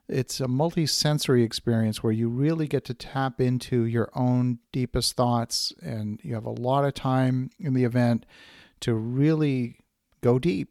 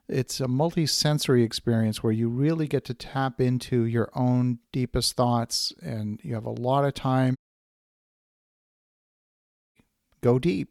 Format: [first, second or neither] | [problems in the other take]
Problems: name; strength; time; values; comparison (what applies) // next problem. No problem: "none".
first | audio cutting out; at 7.5 s for 2.5 s